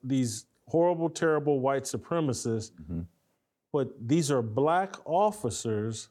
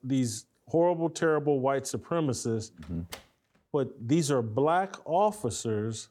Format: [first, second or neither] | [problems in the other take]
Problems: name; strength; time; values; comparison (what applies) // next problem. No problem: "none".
first | door banging; faint; at 3 s; peak 15 dB below the speech